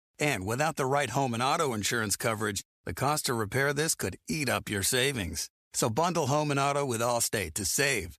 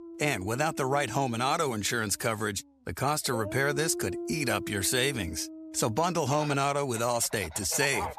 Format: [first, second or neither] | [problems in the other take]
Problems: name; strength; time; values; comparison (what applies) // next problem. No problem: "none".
first | animal sounds; noticeable; throughout; 10 dB below the speech